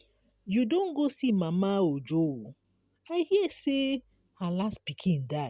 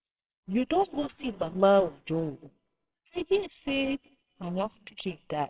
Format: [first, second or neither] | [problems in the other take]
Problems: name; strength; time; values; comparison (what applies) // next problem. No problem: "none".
first | noise reduction (neural separator model SepFormer WHAMR!)